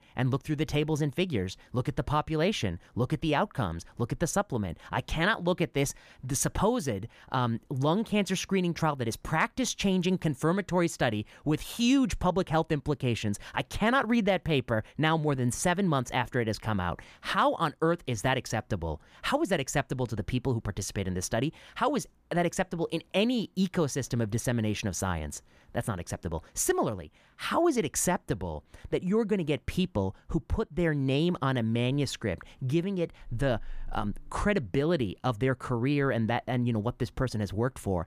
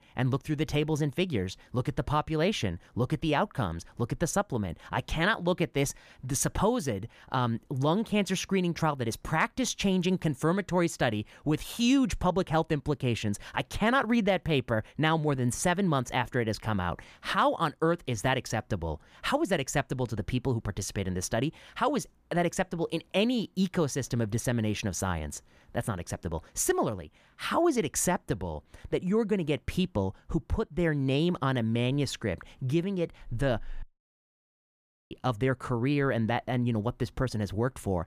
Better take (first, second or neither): first